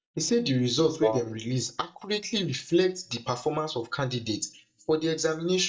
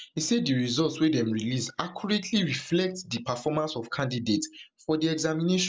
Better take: second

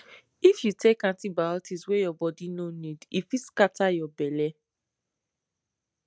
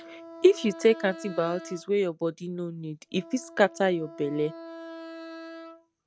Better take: first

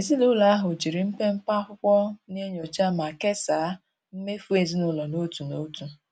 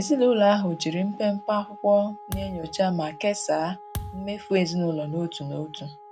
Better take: first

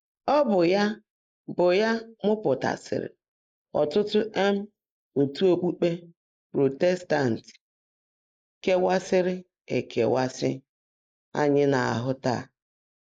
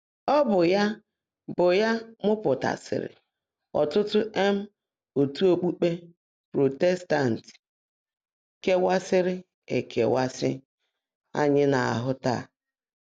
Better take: second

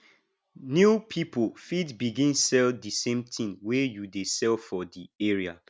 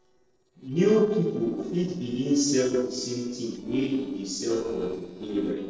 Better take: first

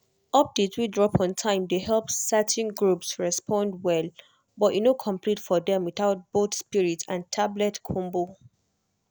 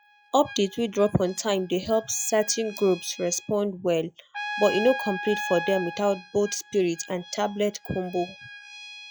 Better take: first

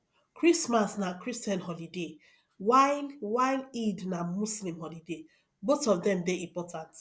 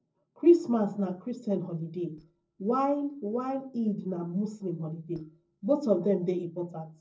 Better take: first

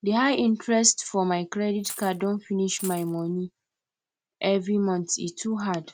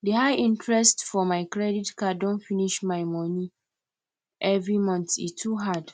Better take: second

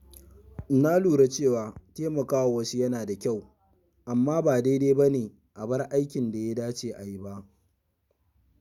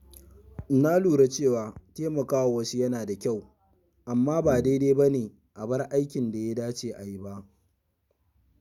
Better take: first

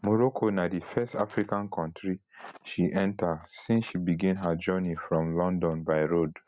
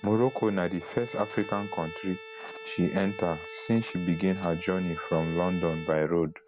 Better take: first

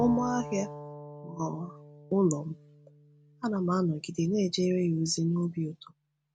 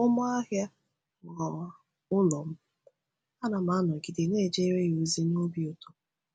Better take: second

